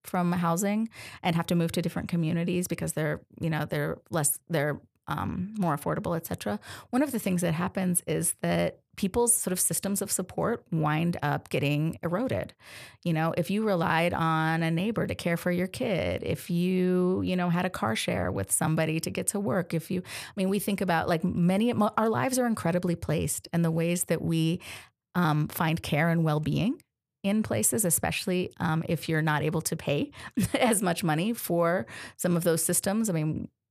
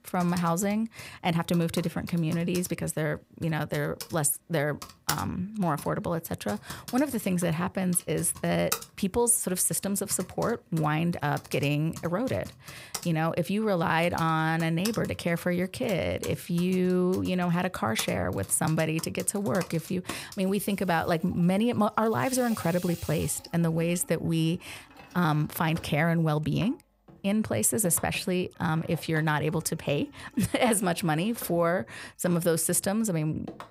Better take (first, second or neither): first